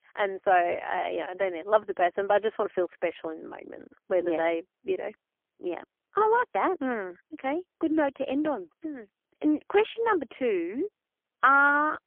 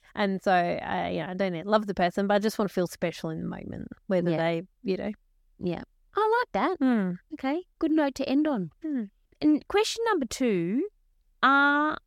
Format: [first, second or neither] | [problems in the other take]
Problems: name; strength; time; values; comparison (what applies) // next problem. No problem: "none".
second | phone-call audio; poor line; nothing above 3.5 kHz